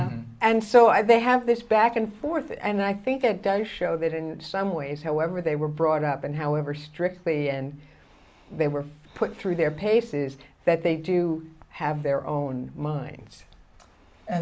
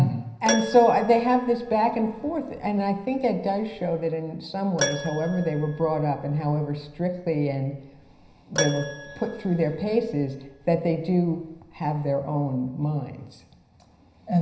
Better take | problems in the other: first | background sound (Keyboard (musical)); 11 dB below the speech // room echo; dies away in 0.9 s

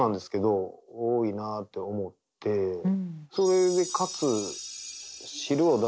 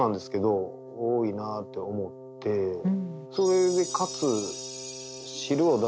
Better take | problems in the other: first | background sound (Wind instrument, woodwind instrument); 16 dB below the speech

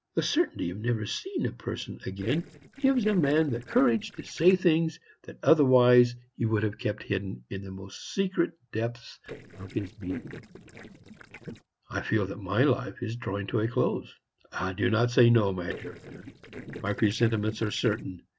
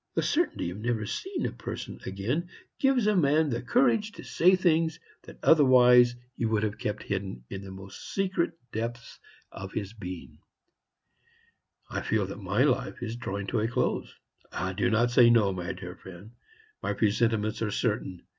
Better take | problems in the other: second | noise reduction (neural separator model SepFormer DNS4)

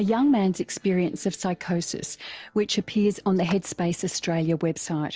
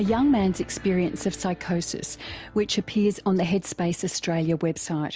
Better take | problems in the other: second | noise reduction (neural separator model SepFormer DNS4)

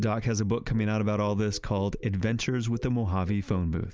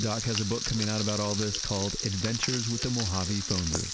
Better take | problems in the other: first | background sound (Frying (food)); 3 dB below the speech

